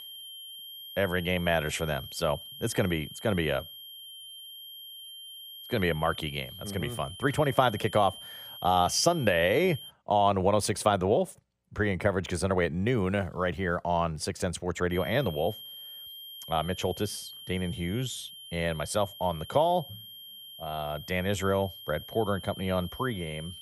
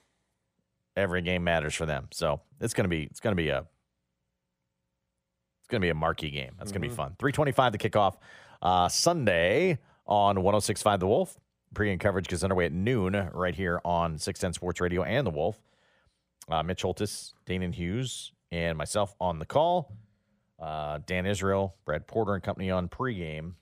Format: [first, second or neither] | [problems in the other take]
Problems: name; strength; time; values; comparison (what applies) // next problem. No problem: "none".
second | high-pitched whine; noticeable; until 10 s and from 15 s on; 3 kHz, 15 dB below the speech